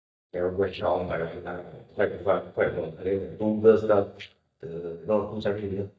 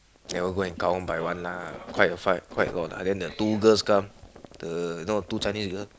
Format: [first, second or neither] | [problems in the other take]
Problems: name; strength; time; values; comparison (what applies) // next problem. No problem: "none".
second | noise reduction (neural mask model DeepFilterNet 3)